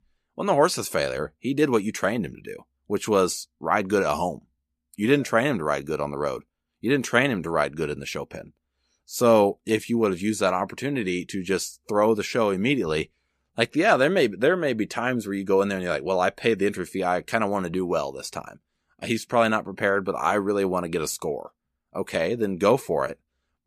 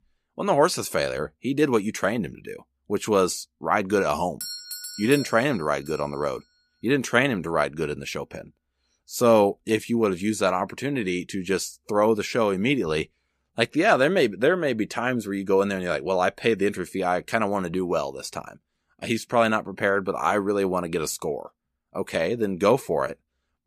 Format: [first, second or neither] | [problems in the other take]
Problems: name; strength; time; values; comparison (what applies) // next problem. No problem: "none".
first | doorbell; noticeable; from 4.5 to 6 s; peak 8 dB below the speech